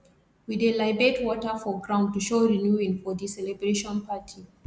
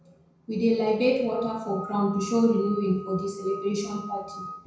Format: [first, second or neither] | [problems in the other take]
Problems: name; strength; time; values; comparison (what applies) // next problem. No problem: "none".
first | background sound (Screech / Glass); 14 dB below the speech // room echo; dies away in 0.6 s